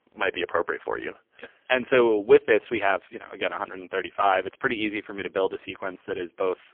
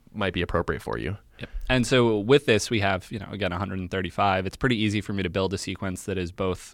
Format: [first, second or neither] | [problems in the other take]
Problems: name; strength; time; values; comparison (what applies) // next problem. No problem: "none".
second | phone-call audio; poor line; nothing above 3.5 kHz